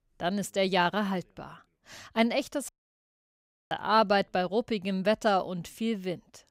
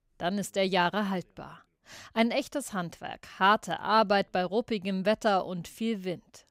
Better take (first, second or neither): second